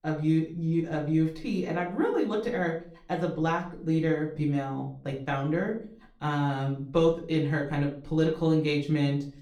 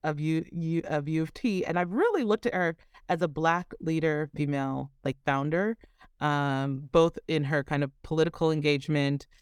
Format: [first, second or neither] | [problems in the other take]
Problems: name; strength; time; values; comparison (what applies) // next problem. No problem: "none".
second | room echo; slight; dies away in 0.4 s // off-mic speech; far